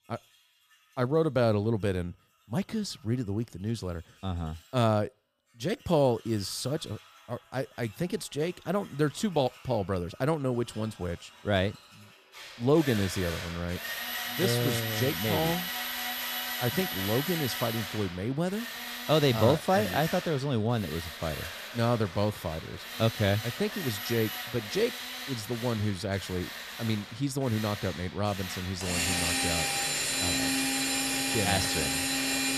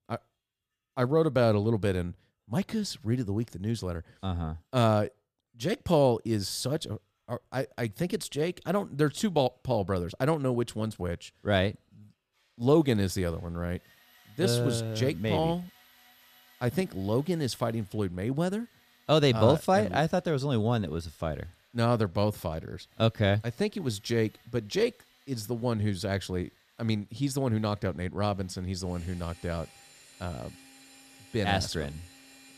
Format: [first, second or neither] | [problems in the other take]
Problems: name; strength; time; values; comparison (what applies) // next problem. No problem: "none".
second | machinery noise; loud; throughout; 2 dB below the speech; faint in the second